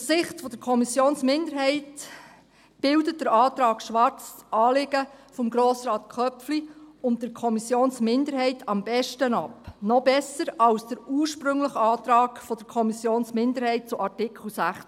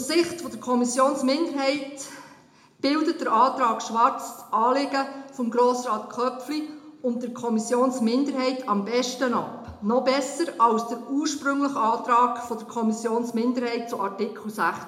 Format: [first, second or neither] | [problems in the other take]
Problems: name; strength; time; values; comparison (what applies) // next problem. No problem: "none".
first | room echo; dies away in 0.6 s